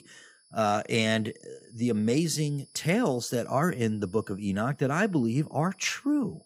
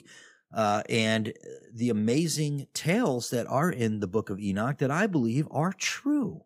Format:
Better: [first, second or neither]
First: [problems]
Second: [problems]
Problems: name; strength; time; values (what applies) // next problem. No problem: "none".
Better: second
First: high-pitched whine; faint; throughout; 10 kHz, 30 dB below the speech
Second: none